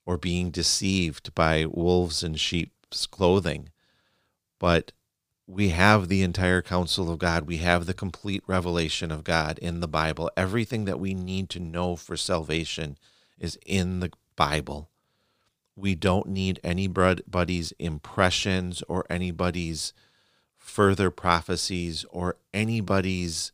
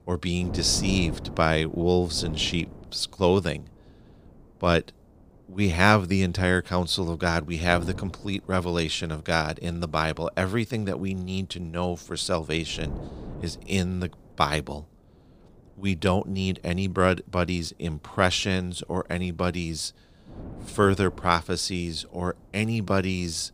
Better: first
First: none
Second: wind noise on the microphone; occasional gusts; 20 dB below the speech

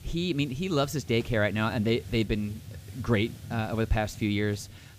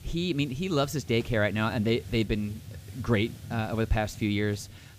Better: neither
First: hiss; noticeable; throughout; 15 dB below the speech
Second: hiss; noticeable; throughout; 15 dB below the speech

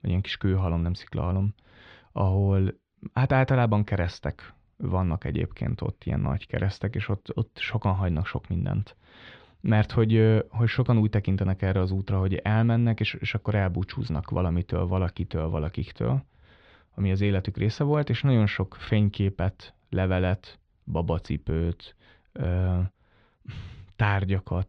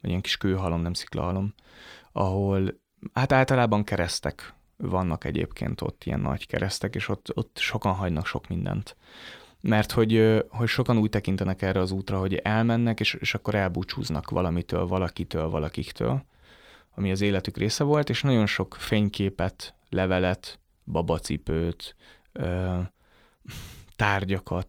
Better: second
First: muffled; slightly; fading above 3.5 kHz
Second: none

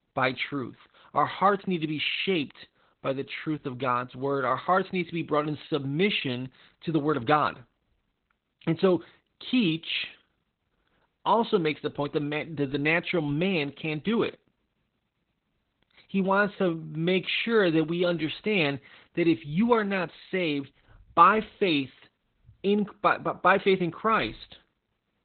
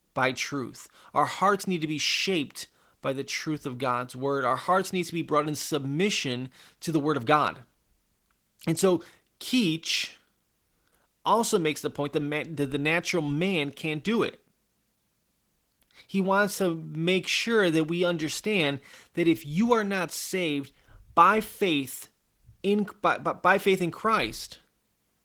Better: second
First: garbled, watery; badly; nothing above 4 kHz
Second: garbled, watery; slightly

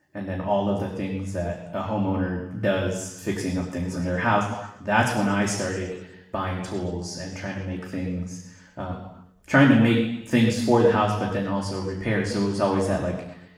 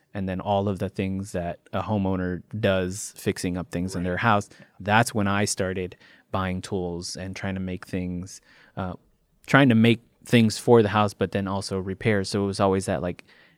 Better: second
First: room echo; noticeable; dies away in 0.9 s // off-mic speech; far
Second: none

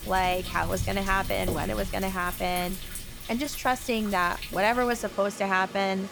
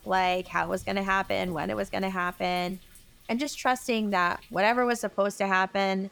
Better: second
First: rain or running water; loud; throughout; 9 dB below the speech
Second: rain or running water; faint; throughout; 25 dB below the speech

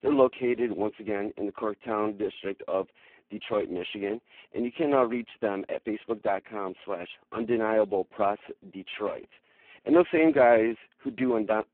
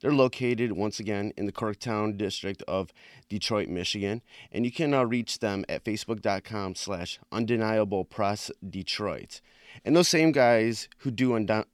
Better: second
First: phone-call audio; poor line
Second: none

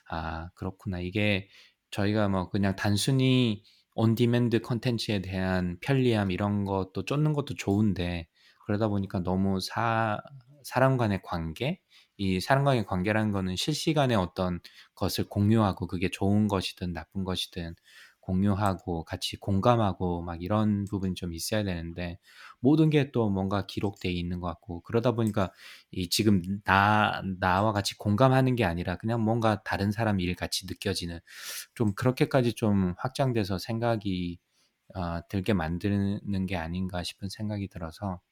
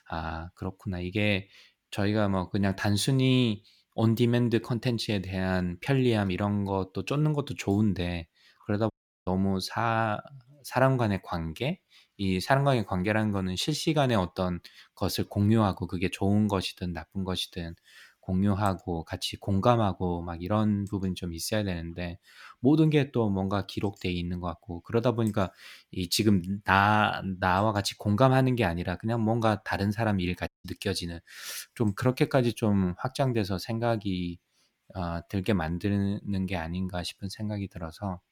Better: first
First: none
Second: audio cutting out; at 9 s and at 30 s

